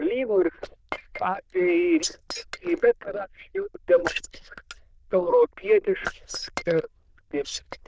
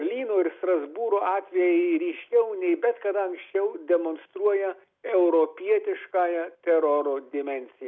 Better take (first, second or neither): second